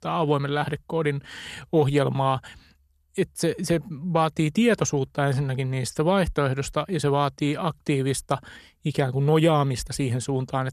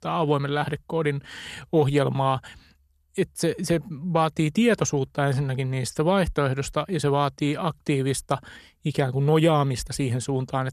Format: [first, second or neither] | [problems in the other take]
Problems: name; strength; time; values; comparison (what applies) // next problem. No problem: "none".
neither | none